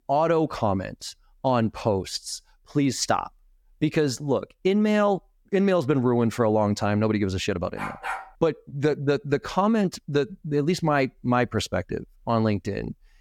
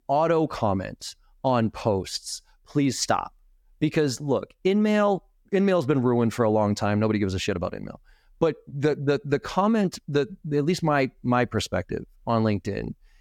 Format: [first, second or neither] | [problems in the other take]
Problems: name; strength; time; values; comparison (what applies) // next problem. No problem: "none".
second | dog barking; noticeable; at 8 s; peak 7 dB below the speech